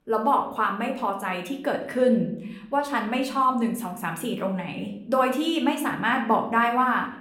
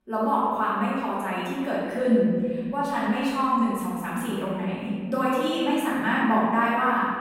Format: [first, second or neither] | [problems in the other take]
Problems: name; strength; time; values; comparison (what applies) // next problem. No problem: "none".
first | room echo; strong; dies away in 1.9 s; slight in the first // off-mic speech; far; somewhat distant in the first